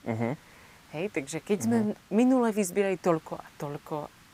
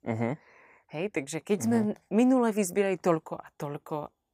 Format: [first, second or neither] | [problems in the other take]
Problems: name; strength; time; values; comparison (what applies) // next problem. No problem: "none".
second | hiss; faint; throughout; 25 dB below the speech